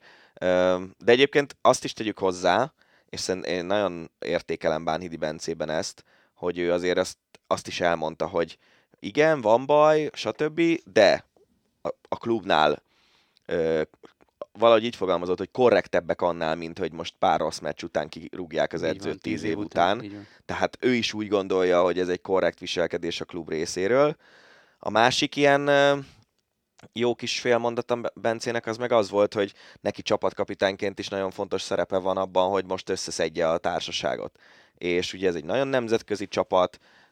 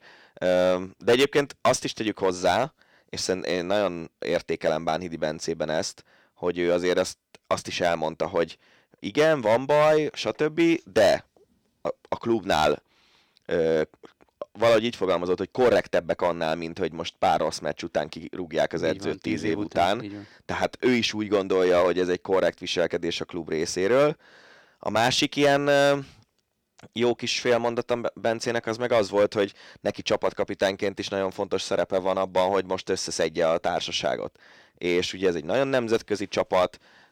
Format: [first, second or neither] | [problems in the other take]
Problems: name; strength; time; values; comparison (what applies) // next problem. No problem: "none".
first | distortion; slight; 3% of the sound clipped